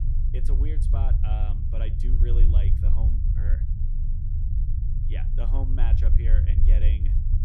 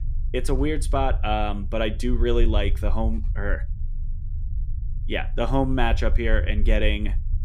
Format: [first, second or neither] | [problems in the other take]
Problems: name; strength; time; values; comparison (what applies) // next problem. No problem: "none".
second | low rumble; loud; throughout; as loud as the speech; faint in the second